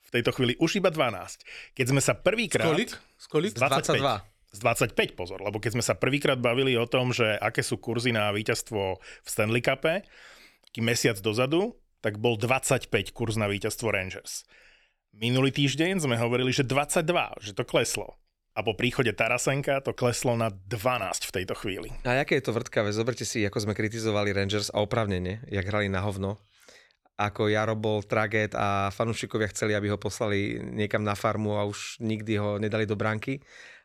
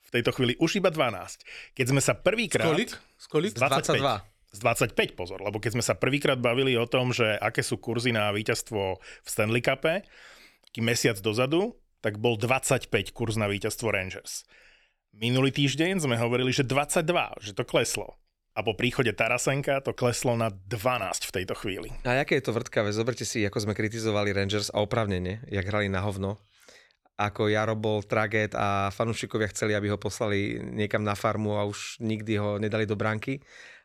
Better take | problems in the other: neither | none

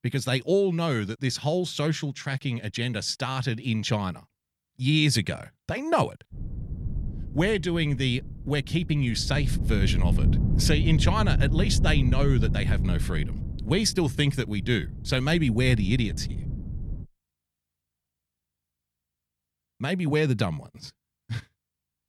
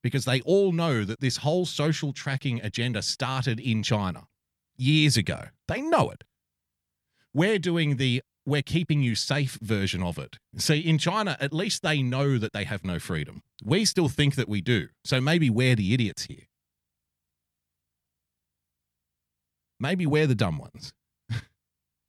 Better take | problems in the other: second | wind noise on the microphone; occasional gusts; from 6.5 to 17 s; 10 dB below the speech

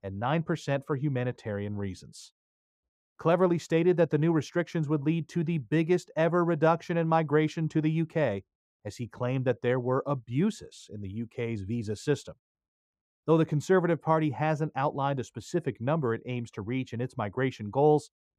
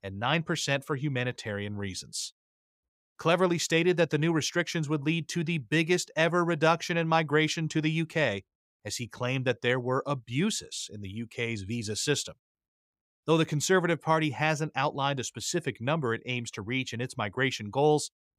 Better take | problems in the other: second | muffled; slightly; fading above 1.5 kHz

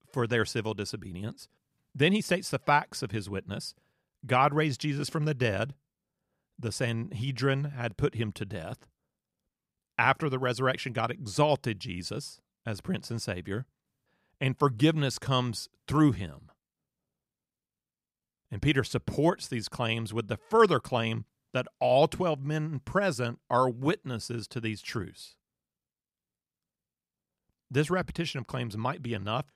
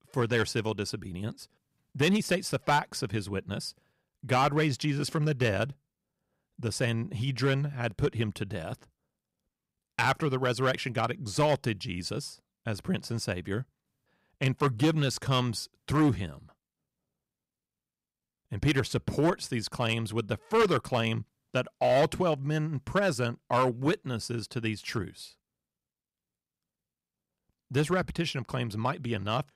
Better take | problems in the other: first | distortion; slight; 2% of the sound clipped

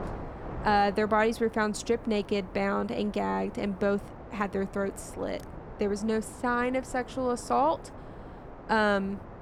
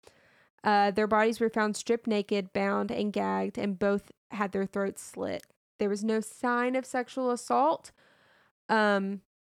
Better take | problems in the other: second | wind noise on the microphone; occasional gusts; 15 dB below the speech

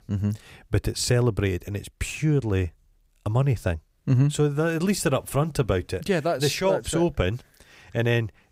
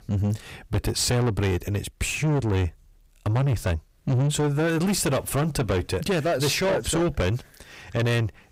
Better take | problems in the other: first | distortion; heavy; 7 dB below the speech

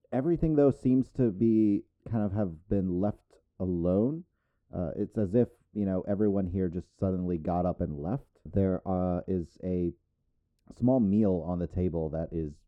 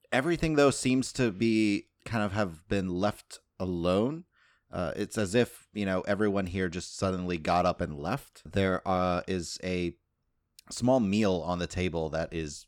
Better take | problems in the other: second | muffled; very; fading above 1 kHz

